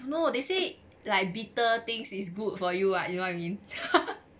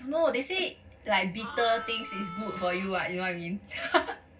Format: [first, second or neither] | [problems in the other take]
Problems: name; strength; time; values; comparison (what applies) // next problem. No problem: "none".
first | background sound (Harmonica); 10 dB below the speech // room echo; dies away in 0.4 s